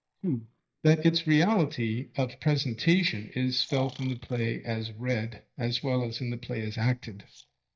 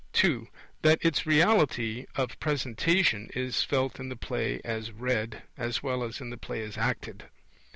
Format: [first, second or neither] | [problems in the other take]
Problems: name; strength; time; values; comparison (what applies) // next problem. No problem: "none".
second | noise reduction (neural mask model DeepFilterNet 3)